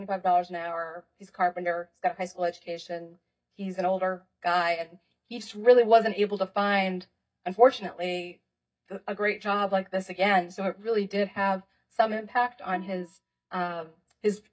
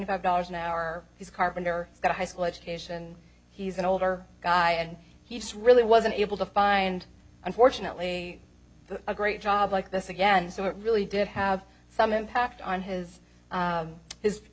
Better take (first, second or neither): second